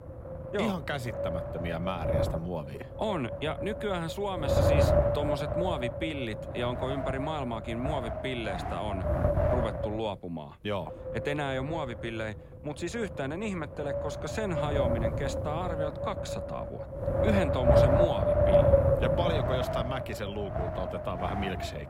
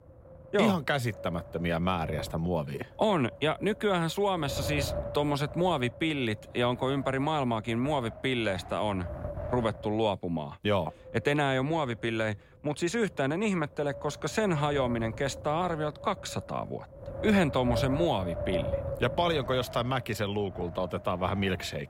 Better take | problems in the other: second | wind noise on the microphone; heavy; 5 dB above the speech; occasional gusts in the second

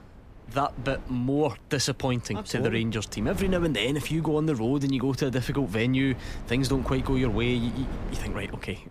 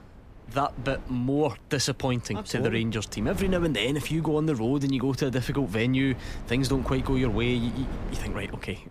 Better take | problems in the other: neither | wind noise on the microphone; occasional gusts; 15 dB below the speech; the same in both

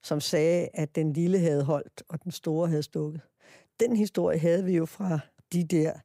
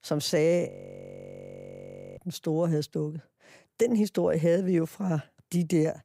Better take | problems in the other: first | audio freezing; at 0.5 s for 1.5 s

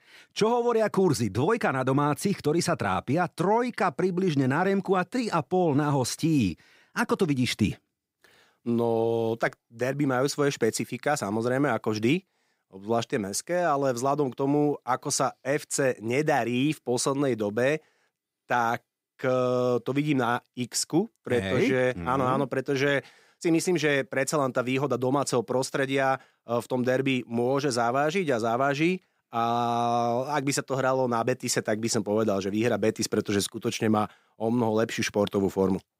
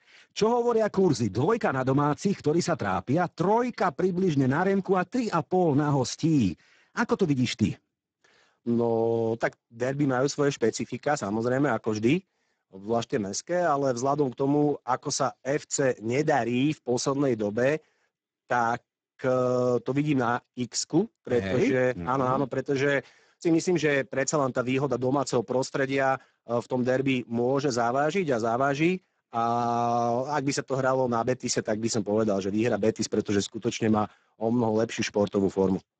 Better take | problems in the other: first | garbled, watery; badly; nothing above 7.5 kHz

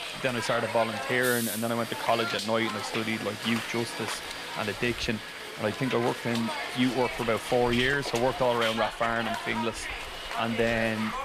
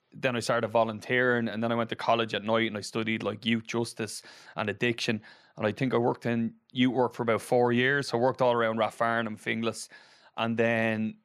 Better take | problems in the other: second | hiss; loud; throughout; 5 dB below the speech

